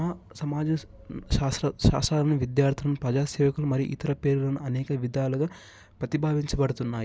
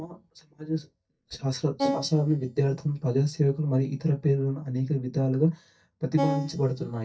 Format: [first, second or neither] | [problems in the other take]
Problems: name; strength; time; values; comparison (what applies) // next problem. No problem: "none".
first | noise reduction (neural mask model DeepFilterNet 3)